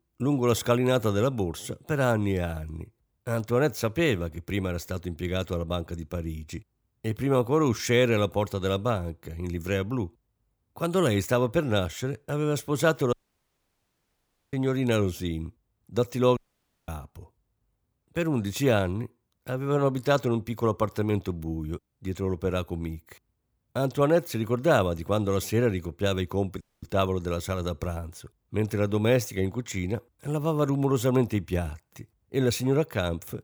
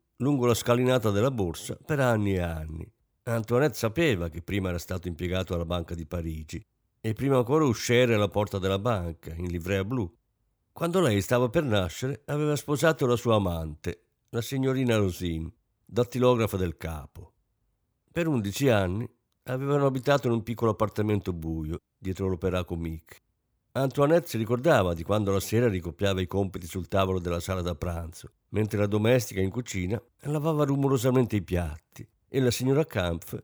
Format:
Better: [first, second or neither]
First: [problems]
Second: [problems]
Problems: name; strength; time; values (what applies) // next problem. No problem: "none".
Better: second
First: audio cutting out; at 13 s for 1.5 s, at 16 s for 0.5 s and at 27 s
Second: none